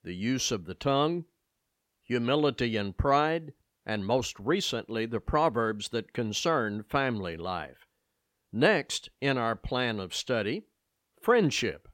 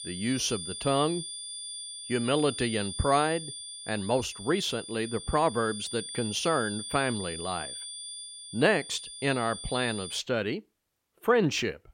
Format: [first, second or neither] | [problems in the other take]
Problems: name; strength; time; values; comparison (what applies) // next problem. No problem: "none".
first | high-pitched whine; loud; until 10 s; 9 kHz, 8 dB below the speech